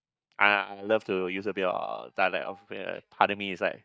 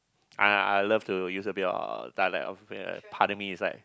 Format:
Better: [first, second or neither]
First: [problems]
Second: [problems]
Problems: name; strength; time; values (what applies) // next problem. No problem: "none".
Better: second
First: noise reduction (neural mask model DeepFilterNet 3)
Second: none